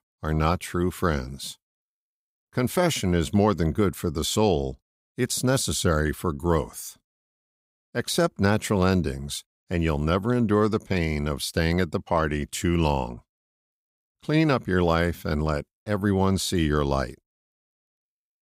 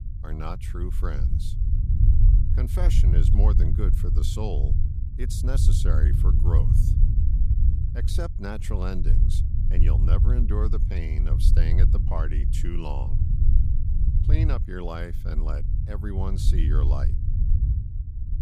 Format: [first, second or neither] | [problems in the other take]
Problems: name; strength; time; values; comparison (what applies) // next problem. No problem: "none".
first | low rumble; loud; throughout; 3 dB below the speech